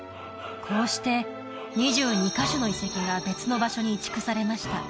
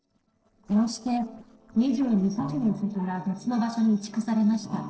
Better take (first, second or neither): first